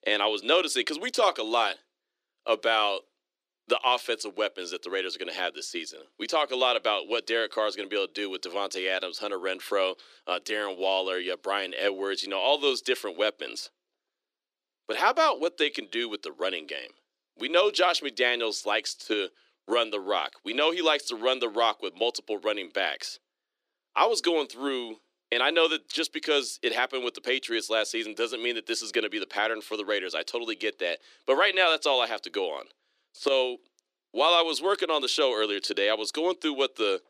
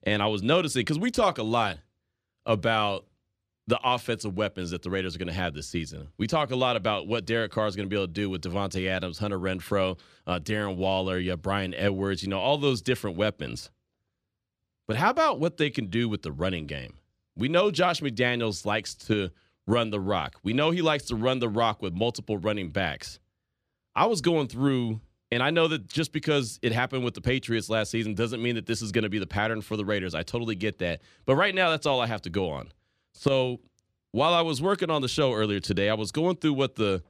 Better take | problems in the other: second | thin; very; fading below 350 Hz

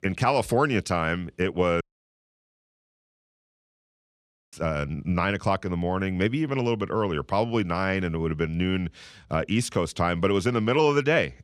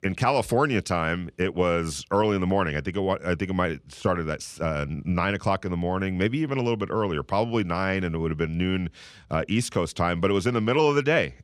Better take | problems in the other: second | audio cutting out; at 2 s for 2.5 s

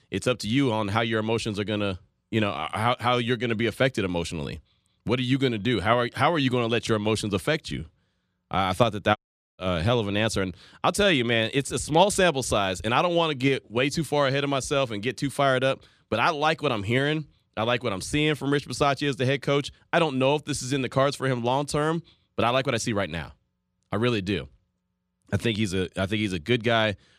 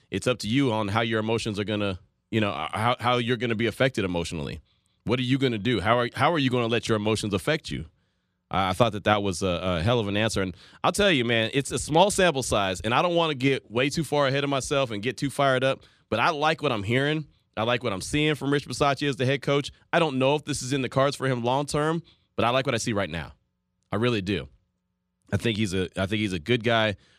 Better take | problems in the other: second | audio cutting out; at 9 s

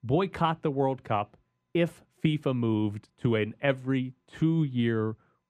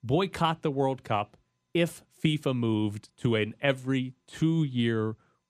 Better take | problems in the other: second | muffled; slightly; fading above 3 kHz

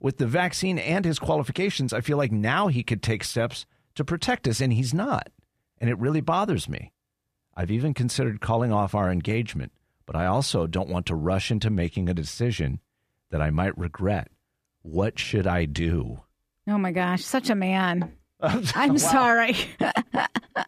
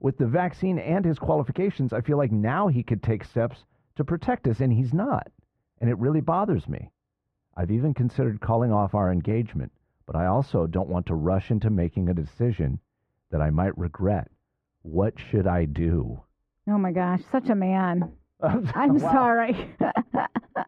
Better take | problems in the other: first | muffled; very; fading above 3 kHz

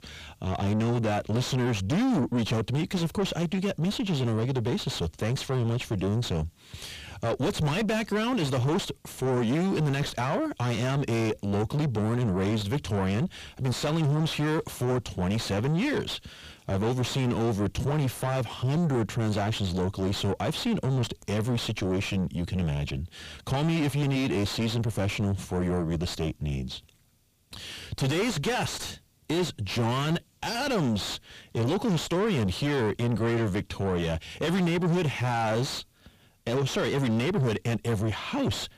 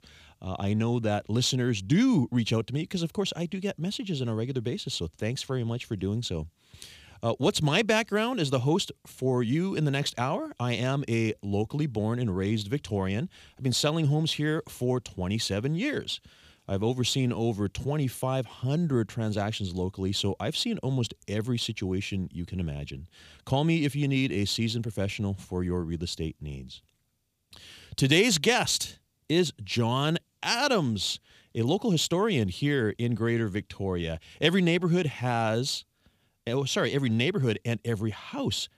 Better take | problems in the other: second | distortion; heavy; 5 dB below the speech

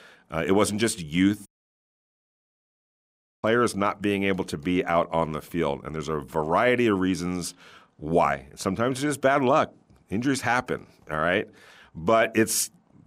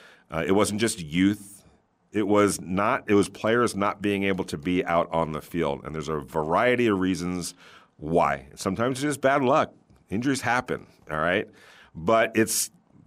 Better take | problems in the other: second | audio cutting out; at 1.5 s for 2 s

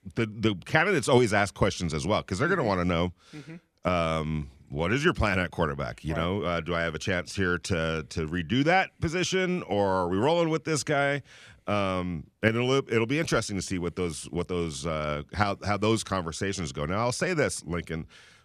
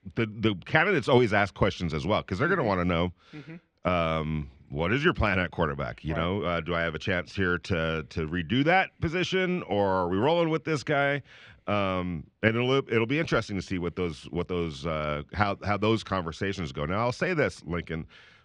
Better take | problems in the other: first | muffled; slightly; fading above 3 kHz

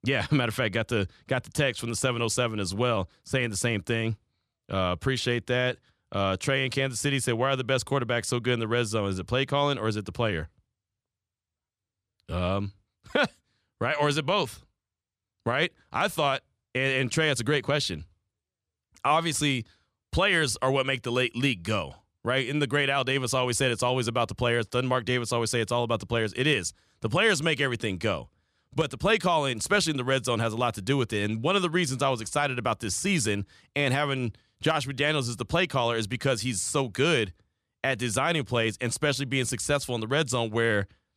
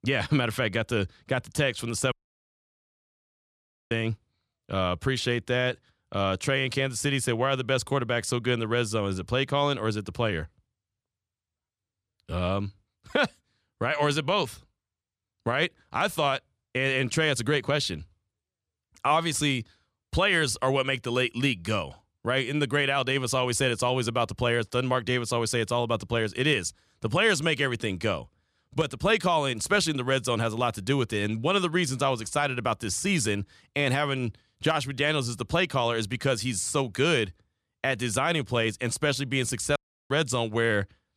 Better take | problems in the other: first | audio cutting out; at 2 s for 2 s and at 40 s

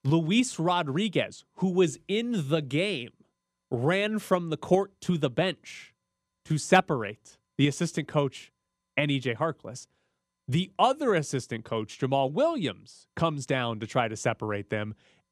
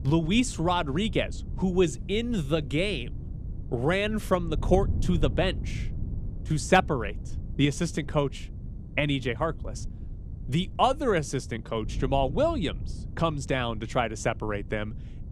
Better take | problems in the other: first | wind noise on the microphone; occasional gusts; 20 dB below the speech

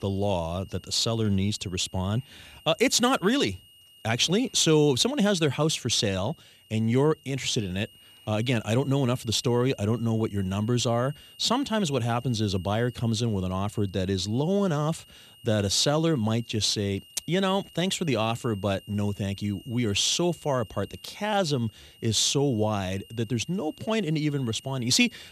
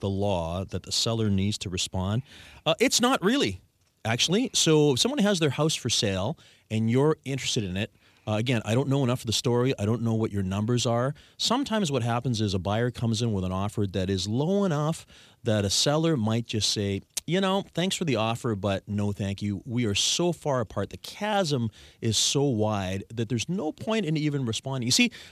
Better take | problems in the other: second | high-pitched whine; faint; throughout; 3 kHz, 25 dB below the speech

